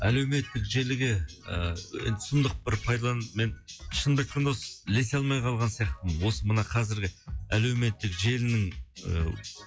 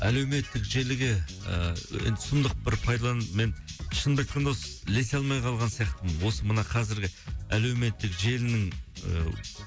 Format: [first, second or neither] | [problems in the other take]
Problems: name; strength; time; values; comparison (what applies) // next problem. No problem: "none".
second | noise reduction (classical method log-MMSE)